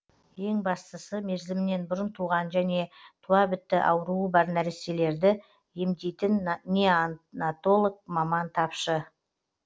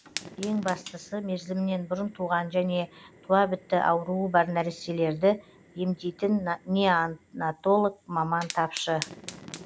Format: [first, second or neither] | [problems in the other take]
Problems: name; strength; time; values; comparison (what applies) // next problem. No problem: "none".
first | background sound (Fire); 18 dB below the speech